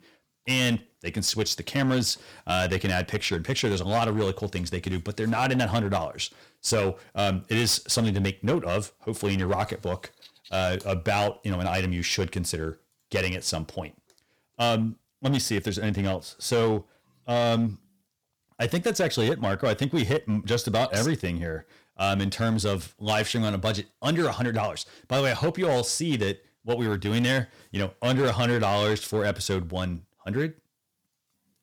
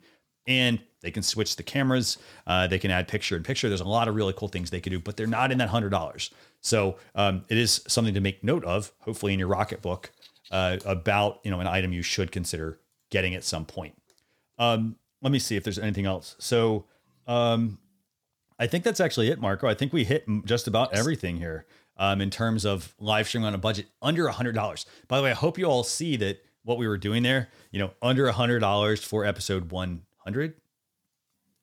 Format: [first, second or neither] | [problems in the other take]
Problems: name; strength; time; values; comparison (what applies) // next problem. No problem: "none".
second | distortion; slight; 6% of the sound clipped